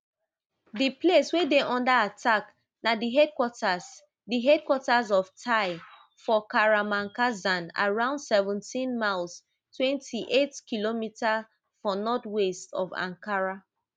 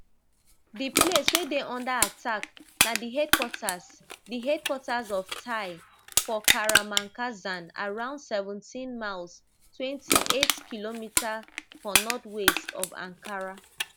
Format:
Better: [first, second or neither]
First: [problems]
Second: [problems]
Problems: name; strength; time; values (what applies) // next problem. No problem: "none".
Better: first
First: none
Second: background sound (Crushing); 3 dB above the speech